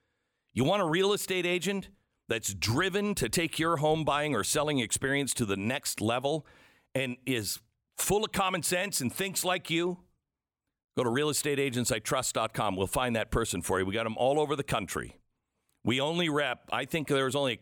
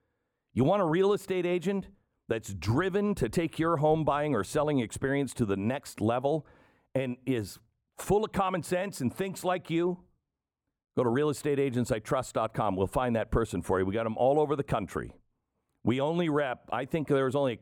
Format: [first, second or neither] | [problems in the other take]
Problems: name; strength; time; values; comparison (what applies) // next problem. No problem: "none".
first | muffled; slightly; fading above 2 kHz